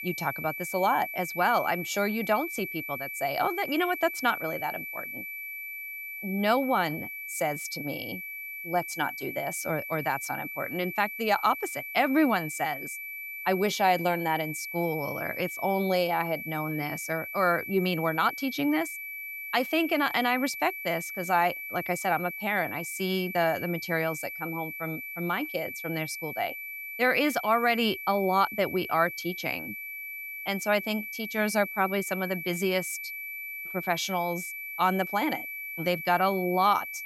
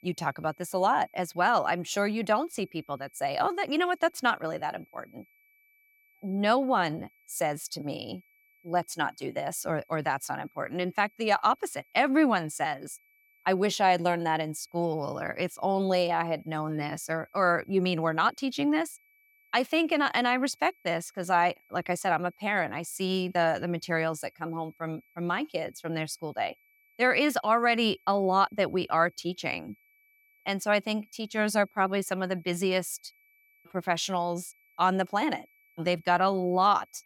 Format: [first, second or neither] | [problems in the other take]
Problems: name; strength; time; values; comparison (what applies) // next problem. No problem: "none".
second | high-pitched whine; loud; throughout; 2.5 kHz, 7 dB below the speech; faint in the second